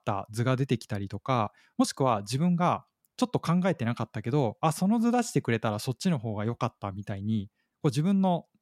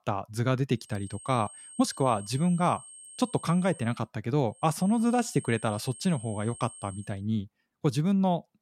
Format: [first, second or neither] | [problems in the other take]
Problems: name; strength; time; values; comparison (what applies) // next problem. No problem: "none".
first | high-pitched whine; noticeable; from 1 to 4 s and from 4.5 to 7 s; 8.5 kHz, 15 dB below the speech